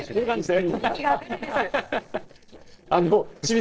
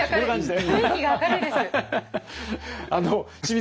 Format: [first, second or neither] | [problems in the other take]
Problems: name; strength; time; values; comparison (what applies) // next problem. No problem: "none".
second | noise reduction (neural separator model SepFormer DNS4)